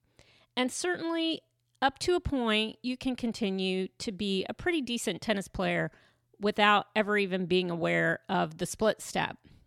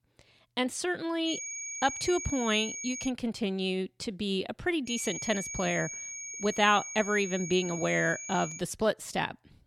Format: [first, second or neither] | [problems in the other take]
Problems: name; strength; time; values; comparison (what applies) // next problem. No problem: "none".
first | high-pitched whine; loud; from 1.5 to 3 s and from 5 to 8.5 s; 6.5 kHz, 7 dB below the speech